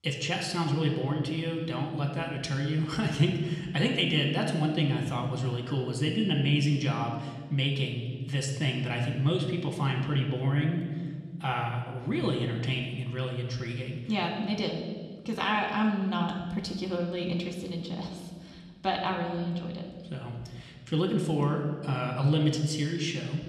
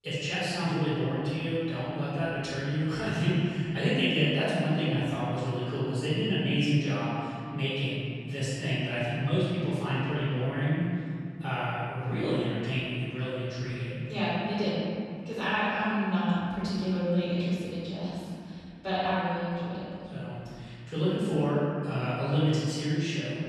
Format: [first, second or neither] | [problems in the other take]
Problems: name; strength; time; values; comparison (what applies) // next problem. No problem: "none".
first | room echo; strong; dies away in 2.4 s; slight in the first // off-mic speech; far; somewhat distant in the first